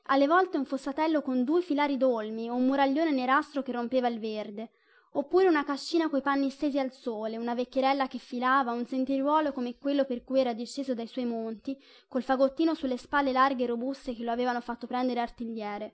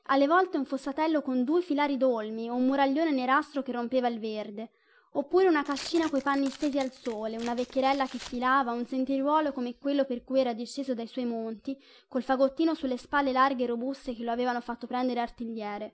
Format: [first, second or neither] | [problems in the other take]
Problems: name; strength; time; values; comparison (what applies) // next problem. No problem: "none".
first | background sound (Tearing); 19 dB below the speech